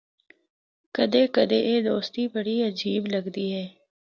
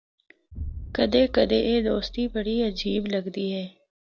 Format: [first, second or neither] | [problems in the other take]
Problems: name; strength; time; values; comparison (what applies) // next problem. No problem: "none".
first | background sound (Explosion); 14 dB below the speech